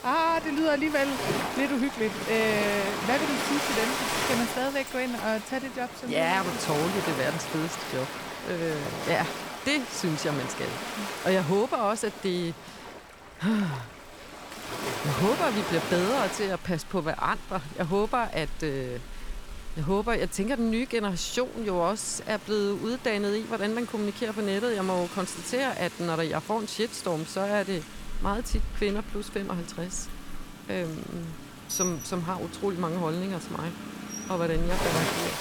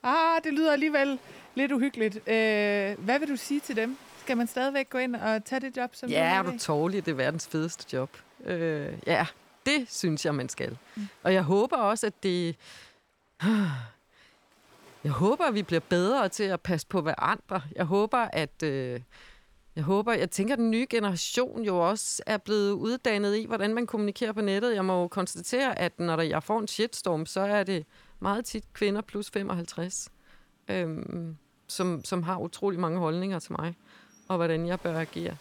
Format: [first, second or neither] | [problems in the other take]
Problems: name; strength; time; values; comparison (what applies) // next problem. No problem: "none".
second | rain or running water; loud; throughout; 6 dB below the speech; faint in the second